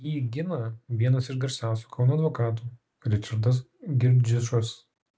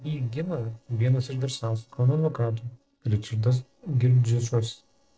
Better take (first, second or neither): first